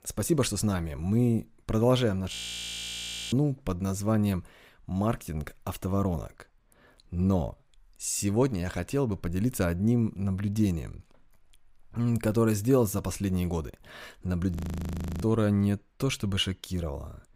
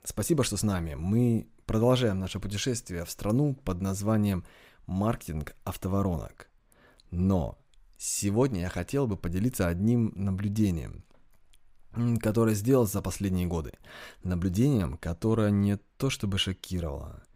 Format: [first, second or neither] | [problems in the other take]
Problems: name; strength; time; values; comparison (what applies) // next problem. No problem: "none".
second | audio freezing; at 2.5 s for 1 s and at 15 s for 0.5 s